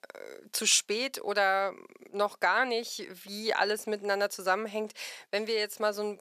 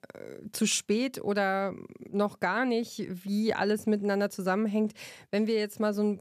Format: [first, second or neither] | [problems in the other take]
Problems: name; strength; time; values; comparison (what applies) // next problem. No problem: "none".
second | thin; very; fading below 600 Hz